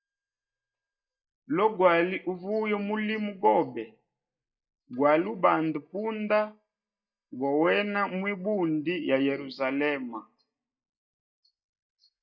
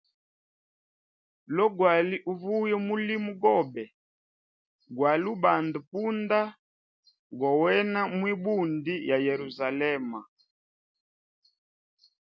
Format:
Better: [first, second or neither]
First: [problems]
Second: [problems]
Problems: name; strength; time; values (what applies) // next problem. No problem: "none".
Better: second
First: noise reduction (neural mask model DeepFilterNet 3)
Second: none